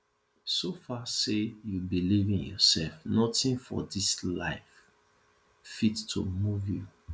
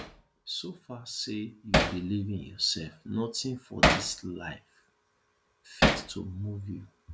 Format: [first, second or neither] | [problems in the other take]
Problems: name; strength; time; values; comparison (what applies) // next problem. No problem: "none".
first | background sound (Hammer); 3 dB above the speech